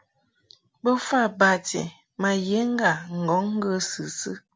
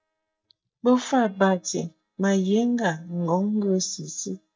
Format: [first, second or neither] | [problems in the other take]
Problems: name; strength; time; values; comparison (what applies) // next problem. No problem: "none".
first | noise reduction (neural mask model DeepFilterNet 3)